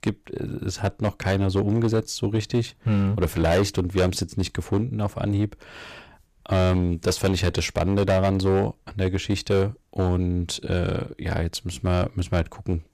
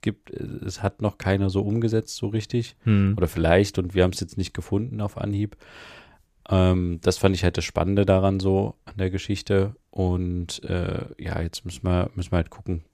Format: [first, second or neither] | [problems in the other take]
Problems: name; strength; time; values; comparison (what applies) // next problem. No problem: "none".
second | distortion; heavy; 12% of the sound clipped